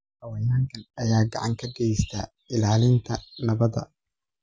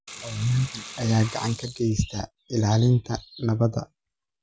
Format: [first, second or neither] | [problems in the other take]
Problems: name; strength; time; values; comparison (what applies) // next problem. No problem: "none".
first | background sound (Sink (filling or washing) / Water); 15 dB below the speech